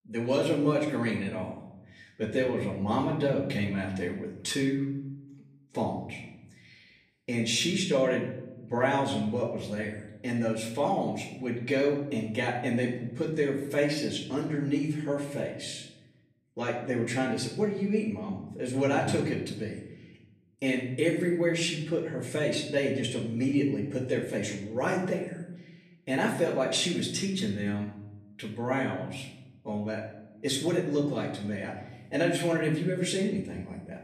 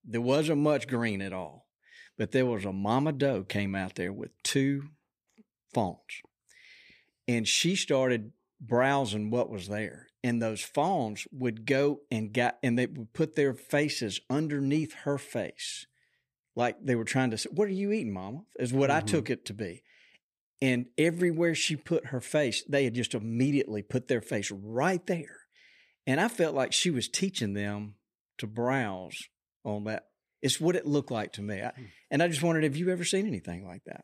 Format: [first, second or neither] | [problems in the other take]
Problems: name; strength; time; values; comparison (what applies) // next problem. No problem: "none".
second | off-mic speech; far // room echo; noticeable; dies away in 0.8 s